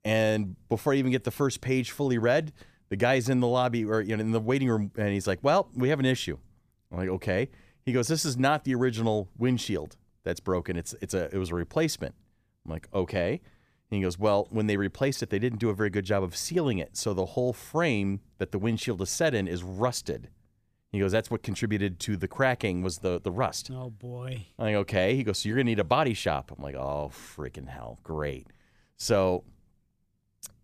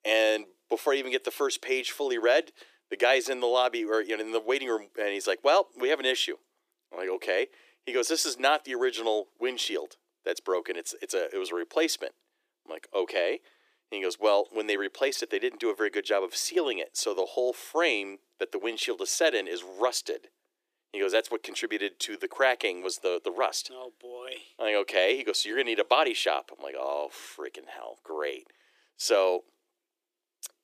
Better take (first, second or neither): first